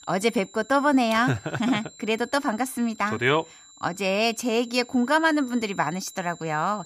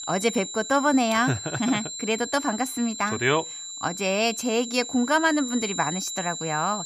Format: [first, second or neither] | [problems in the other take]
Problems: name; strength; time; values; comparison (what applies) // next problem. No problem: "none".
first | high-pitched whine; loud; throughout; 7.5 kHz, 8 dB below the speech; faint in the first